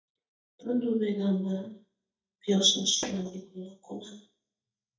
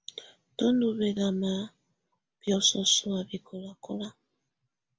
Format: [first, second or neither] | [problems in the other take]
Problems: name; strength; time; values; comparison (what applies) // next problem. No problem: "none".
second | noise reduction (neural mask model DeepFilterNet 3)